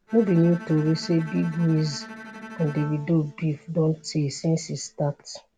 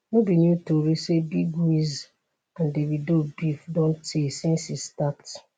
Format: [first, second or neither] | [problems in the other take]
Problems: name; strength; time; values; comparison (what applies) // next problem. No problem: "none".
second | background sound (Bowed string instrument); 17 dB below the speech